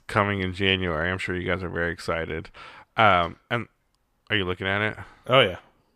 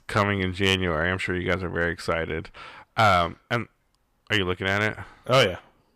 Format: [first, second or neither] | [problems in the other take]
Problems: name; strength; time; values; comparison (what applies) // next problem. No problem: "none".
first | distortion; slight; 1% of the sound clipped